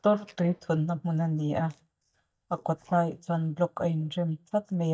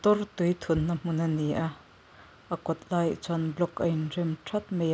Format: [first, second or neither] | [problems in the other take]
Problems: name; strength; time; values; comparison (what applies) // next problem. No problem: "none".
second | noise reduction (neural mask model DeepFilterNet 3)